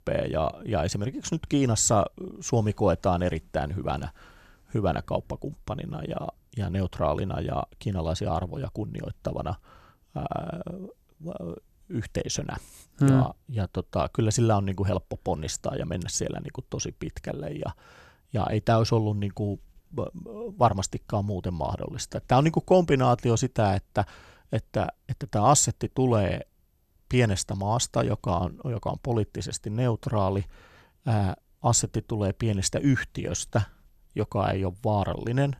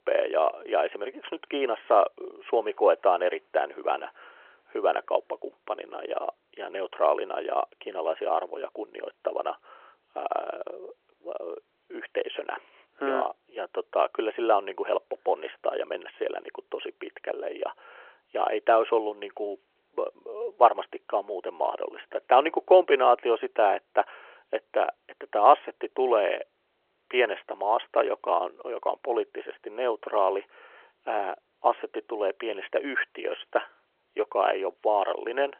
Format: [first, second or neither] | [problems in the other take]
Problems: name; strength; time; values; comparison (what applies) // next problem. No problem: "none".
first | phone-call audio